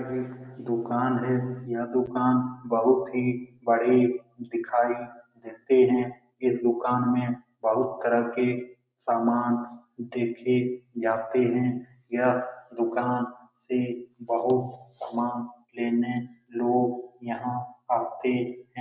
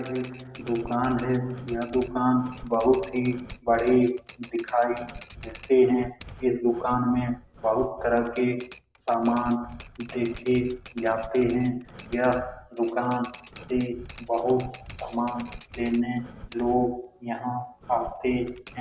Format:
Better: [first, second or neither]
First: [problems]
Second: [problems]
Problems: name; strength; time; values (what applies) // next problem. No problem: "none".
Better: first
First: none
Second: background sound (Breathing + Typewriter); 18 dB below the speech